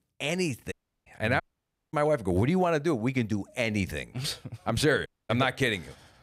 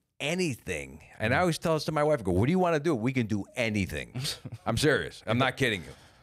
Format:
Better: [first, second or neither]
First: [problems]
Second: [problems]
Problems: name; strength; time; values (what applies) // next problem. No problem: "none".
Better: second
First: audio cutting out; at 0.5 s, at 1.5 s for 0.5 s and at 5 s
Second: none